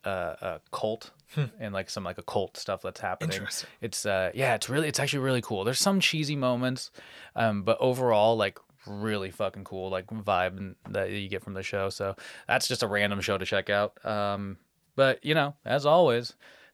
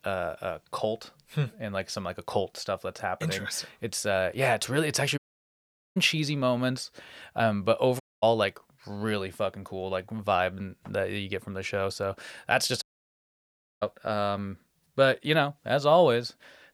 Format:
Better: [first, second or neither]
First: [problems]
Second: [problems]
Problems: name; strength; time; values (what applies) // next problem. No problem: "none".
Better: first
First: none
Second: audio cutting out; at 5 s for 1 s, at 8 s and at 13 s for 1 s